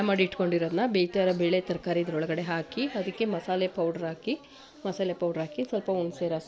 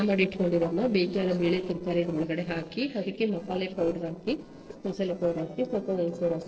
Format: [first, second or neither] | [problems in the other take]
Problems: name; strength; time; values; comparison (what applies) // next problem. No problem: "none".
first | noise reduction (neural separator model SepFormer DNS4)